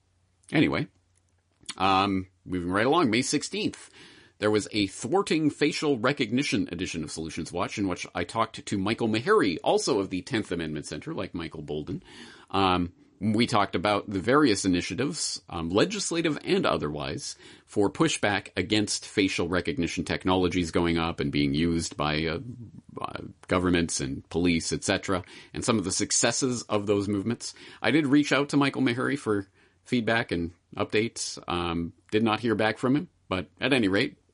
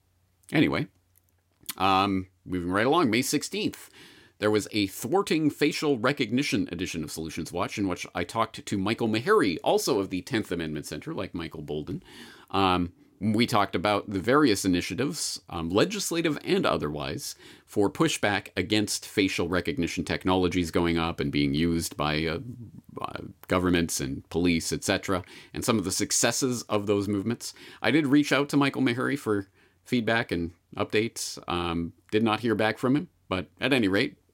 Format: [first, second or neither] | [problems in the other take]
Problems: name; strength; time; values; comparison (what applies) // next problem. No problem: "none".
second | garbled, watery; slightly; nothing above 10.5 kHz